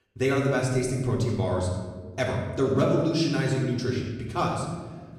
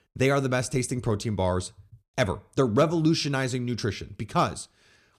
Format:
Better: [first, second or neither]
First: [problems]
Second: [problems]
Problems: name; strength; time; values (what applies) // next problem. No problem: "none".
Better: second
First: room echo; noticeable; dies away in 1.4 s // off-mic speech; far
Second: none